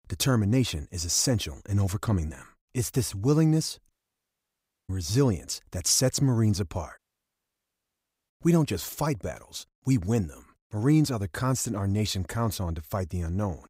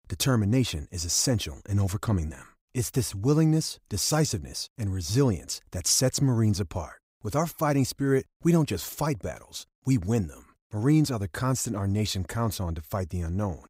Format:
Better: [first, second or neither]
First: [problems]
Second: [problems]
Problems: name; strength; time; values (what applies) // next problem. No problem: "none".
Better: second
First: audio cutting out; at 4 s for 1 s and at 7 s for 1.5 s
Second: none